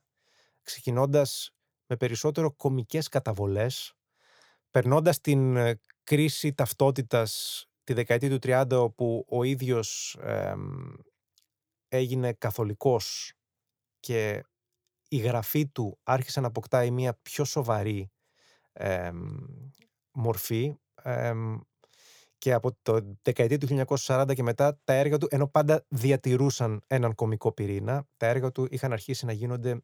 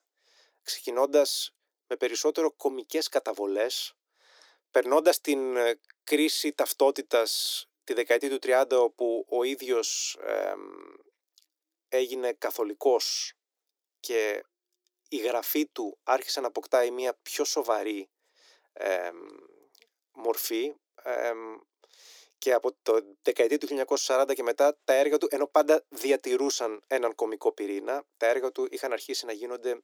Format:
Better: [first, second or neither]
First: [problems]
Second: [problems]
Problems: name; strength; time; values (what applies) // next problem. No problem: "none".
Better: first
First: none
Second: thin; somewhat; fading below 300 Hz